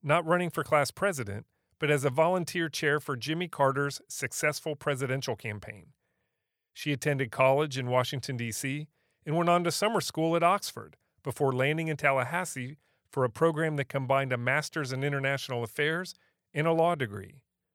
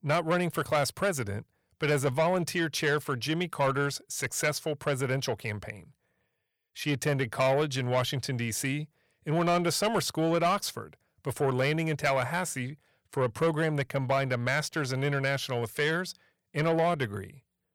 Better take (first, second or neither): first